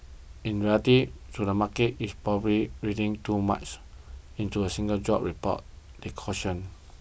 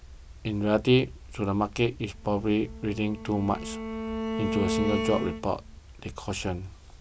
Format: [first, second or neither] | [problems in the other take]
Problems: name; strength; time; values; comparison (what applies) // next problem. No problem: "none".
first | background sound (Bowed string instrument); 4 dB below the speech